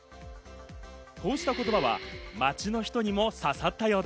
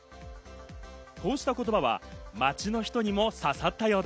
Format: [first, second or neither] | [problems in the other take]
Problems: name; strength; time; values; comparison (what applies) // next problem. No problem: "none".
second | background sound (Breathing); 11 dB below the speech